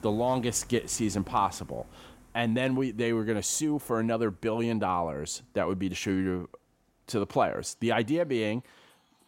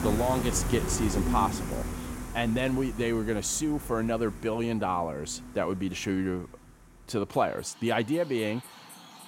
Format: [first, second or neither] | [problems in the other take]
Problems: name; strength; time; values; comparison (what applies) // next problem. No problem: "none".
first | animal sounds; loud; throughout; 7 dB below the speech; faint in the first